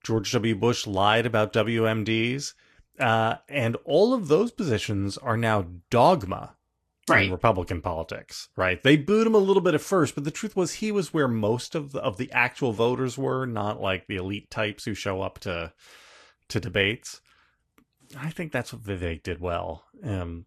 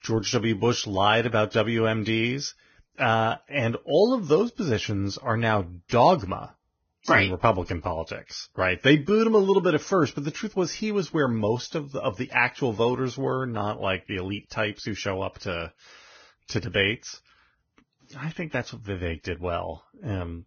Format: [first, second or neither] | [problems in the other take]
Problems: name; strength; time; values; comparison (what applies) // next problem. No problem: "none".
first | garbled, watery; badly; nothing above 6.5 kHz; slightly in the first